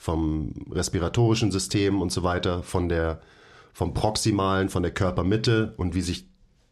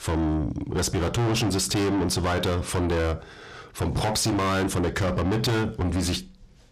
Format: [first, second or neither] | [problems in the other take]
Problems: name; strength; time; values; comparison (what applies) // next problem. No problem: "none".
first | distortion; heavy; 6 dB below the speech